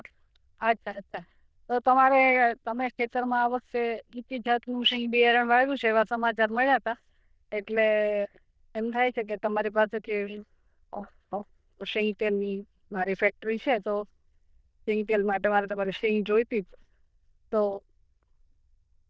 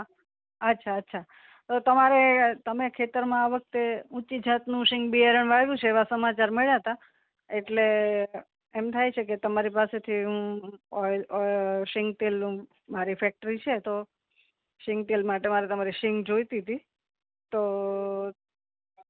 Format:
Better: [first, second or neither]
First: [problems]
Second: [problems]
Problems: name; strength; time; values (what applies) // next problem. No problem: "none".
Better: second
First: noise reduction (neural diffusion model UNIVERSE++)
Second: none